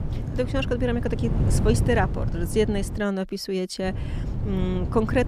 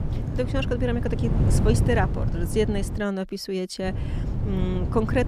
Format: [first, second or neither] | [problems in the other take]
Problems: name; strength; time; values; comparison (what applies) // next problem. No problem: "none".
first | wind noise on the microphone; heavy; until 3 s and from 4 s on; 7 dB below the speech; occasional gusts in the first